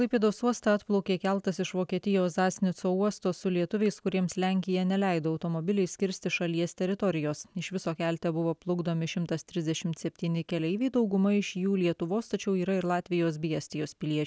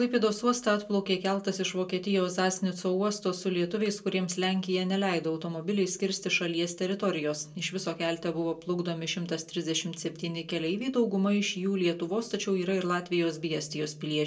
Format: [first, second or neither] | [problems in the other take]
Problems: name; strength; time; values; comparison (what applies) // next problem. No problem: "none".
first | room echo; dies away in 0.2 s